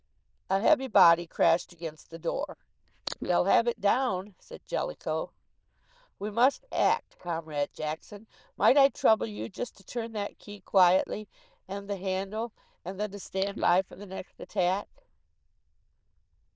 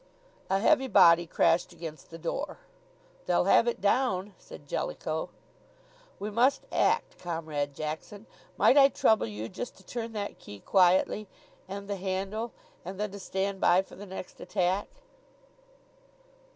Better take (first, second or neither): second